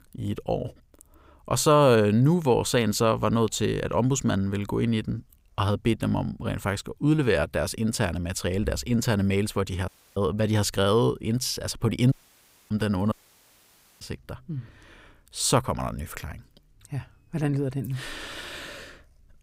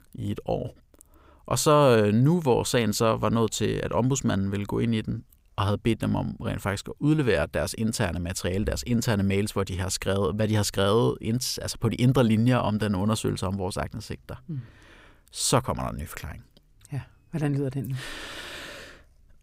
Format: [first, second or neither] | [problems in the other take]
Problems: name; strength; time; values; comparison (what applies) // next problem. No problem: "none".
second | audio cutting out; at 10 s, at 12 s for 0.5 s and at 13 s for 1 s